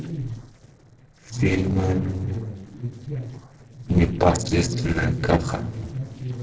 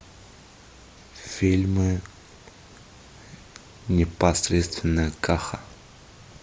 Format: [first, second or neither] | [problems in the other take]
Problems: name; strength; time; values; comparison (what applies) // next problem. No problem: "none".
second | noise reduction (neural separator model SepFormer DNS4)